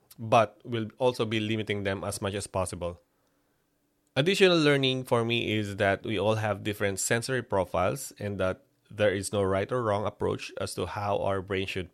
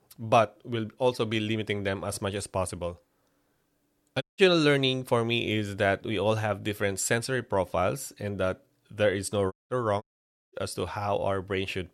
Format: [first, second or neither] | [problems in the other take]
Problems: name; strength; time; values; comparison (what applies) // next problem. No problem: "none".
first | audio cutting out; at 4 s, at 9.5 s and at 10 s for 0.5 s